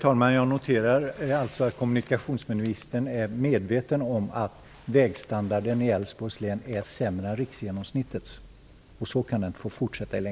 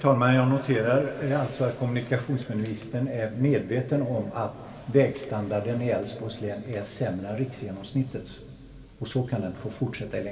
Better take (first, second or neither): first